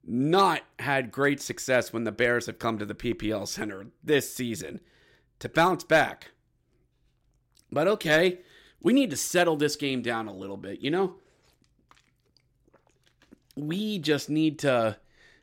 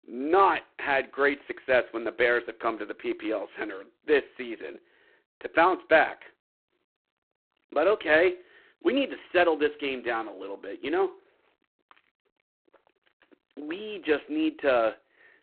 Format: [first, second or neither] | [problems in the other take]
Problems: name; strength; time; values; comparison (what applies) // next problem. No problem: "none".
first | phone-call audio; poor line; nothing above 4 kHz